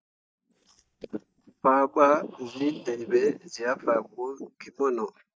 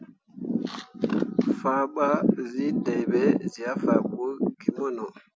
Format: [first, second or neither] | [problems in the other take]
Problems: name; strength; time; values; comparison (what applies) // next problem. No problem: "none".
second | noise reduction (neural mask model DeepFilterNet 3)